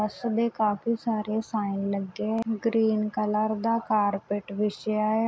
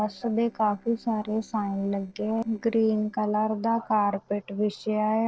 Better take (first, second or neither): first